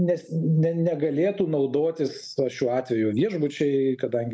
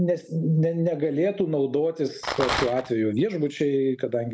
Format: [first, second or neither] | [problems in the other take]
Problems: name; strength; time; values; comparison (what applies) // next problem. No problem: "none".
first | background sound (Rattle); 5 dB below the speech